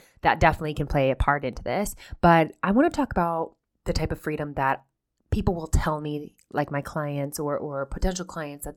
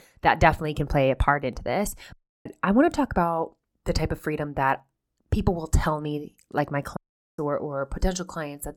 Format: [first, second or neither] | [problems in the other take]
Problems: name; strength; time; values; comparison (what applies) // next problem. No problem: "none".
first | audio cutting out; at 2 s and at 7 s